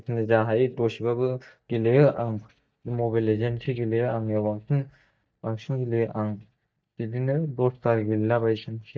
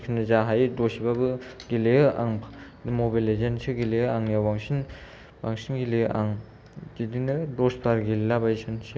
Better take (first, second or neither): second